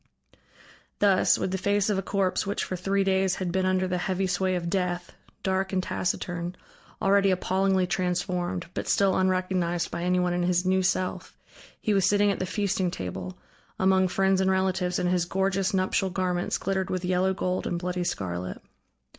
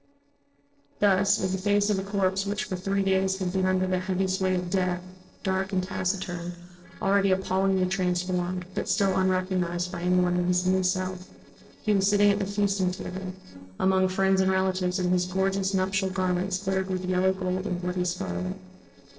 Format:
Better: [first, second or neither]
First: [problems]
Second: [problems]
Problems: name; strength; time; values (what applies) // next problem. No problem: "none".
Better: first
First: none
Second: noise reduction (neural separator model SepFormer DNS4)